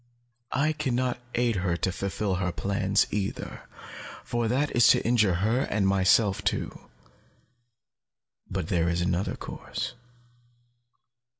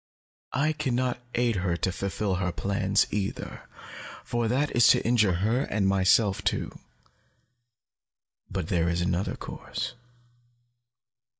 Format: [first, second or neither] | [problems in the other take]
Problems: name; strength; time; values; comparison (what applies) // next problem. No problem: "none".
first | noise reduction (neural mask model DeepFilterNet 3)